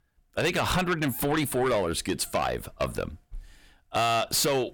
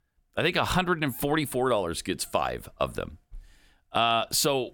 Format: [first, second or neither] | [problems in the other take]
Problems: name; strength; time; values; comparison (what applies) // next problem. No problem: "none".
second | distortion; heavy; 8 dB below the speech